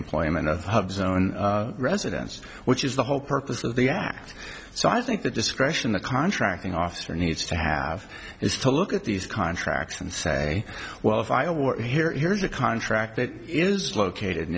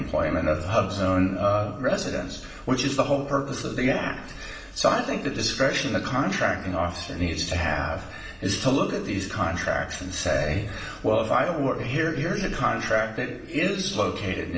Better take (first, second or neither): first